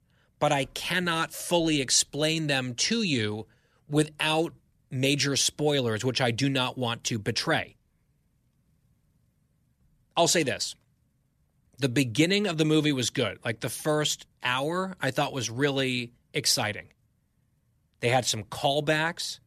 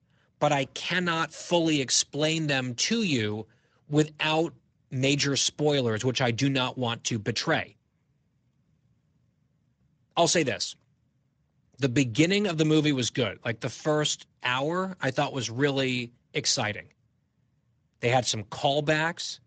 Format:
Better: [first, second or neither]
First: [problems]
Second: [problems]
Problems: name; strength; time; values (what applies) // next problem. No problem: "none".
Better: first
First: none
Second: garbled, watery; slightly; nothing above 7.5 kHz